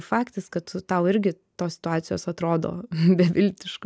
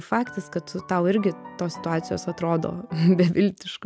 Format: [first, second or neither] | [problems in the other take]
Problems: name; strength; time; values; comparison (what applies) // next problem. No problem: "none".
first | background sound (Piano); 18 dB below the speech